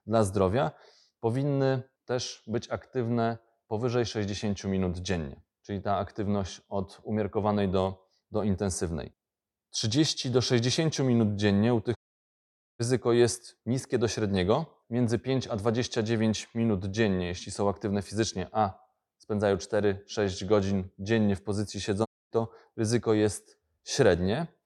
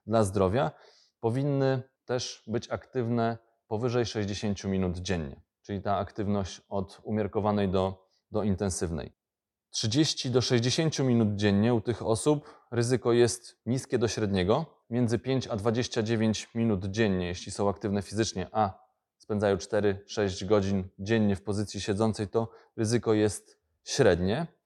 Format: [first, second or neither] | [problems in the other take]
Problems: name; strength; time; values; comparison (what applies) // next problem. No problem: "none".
second | audio cutting out; at 12 s for 1 s and at 22 s